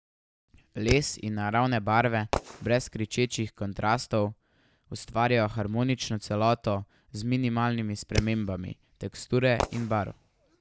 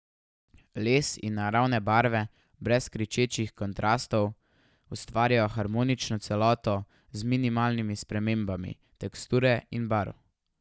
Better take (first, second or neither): second